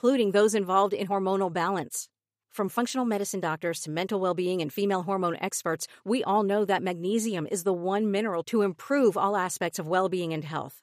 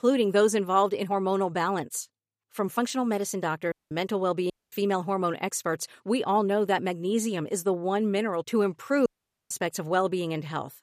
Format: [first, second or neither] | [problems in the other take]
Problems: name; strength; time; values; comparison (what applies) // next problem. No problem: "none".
first | audio cutting out; at 3.5 s, at 4.5 s and at 9 s